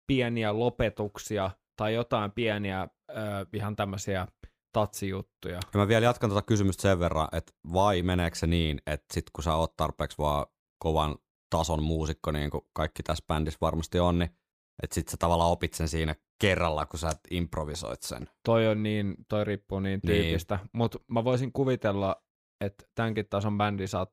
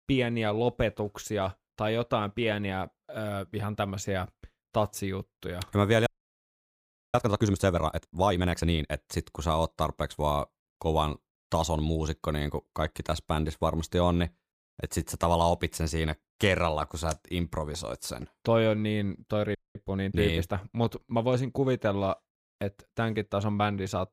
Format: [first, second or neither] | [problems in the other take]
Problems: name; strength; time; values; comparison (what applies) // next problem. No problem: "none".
first | audio freezing; at 6 s for 1 s and at 20 s